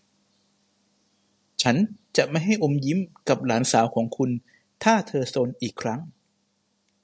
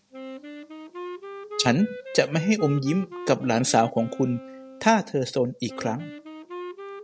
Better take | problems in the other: first | background sound (Wind instrument, woodwind instrument); 13 dB below the speech

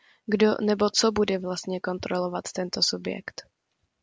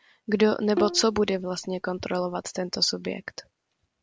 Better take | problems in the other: first | background sound (Bowed string instrument); 9 dB below the speech

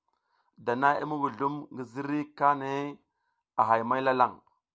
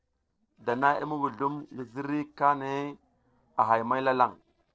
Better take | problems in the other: first | noise reduction (neural separator model SepFormer DNS4)

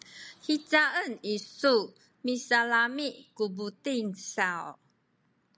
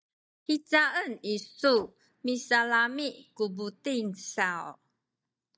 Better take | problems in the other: first | noise reduction (neural mask model DeepFilterNet 3)

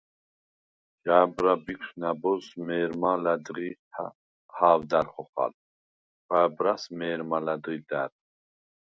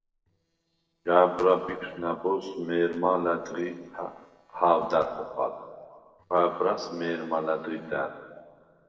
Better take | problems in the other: first | noise reduction (neural separator model SepFormer DNS4)

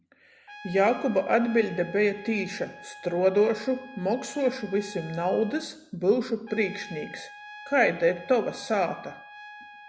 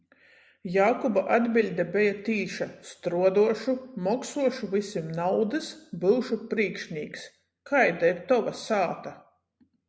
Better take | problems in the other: second | background sound (Trumpet); 18 dB below the speech

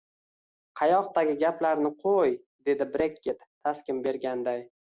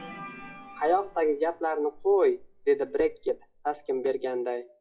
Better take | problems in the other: first | noise reduction (classical method WPE with log-MMSE)

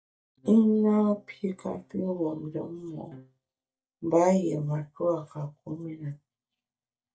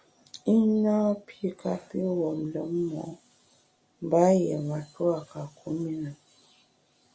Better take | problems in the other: second | noise reduction (neural mask model DeepFilterNet 3)

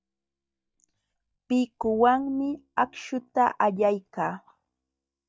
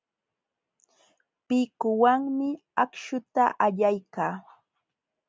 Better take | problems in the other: second | noise reduction (neural mask model DeepFilterNet 3)

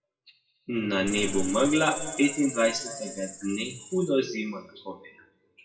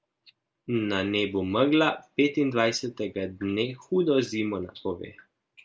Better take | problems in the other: second | noise reduction (classical method WPE with log-MMSE)

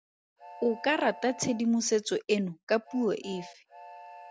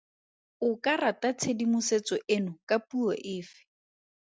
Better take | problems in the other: second | background sound (Train); 19 dB below the speech

